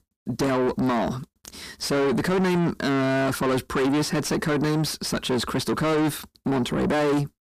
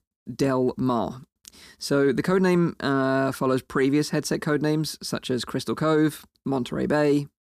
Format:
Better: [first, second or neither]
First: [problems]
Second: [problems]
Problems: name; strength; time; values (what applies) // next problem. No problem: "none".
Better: second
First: distortion; heavy; 7 dB below the speech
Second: none